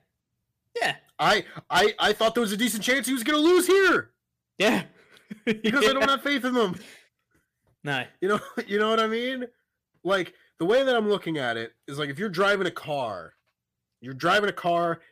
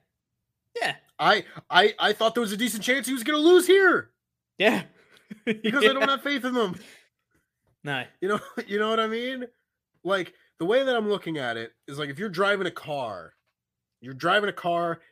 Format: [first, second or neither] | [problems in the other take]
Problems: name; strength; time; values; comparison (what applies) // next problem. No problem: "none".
second | distortion; slight; 3% of the sound clipped